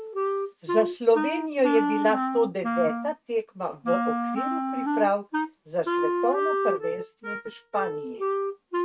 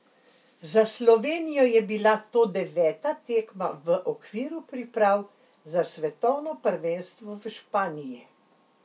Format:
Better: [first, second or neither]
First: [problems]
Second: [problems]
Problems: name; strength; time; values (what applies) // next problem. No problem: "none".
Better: second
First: noise reduction (neural mask model RNNoise)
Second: none